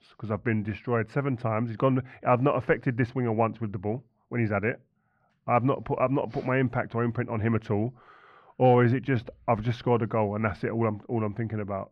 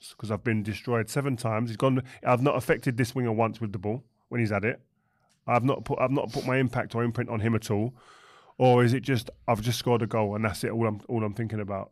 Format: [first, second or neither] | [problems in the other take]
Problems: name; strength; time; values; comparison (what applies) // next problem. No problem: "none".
second | muffled; very; fading above 2 kHz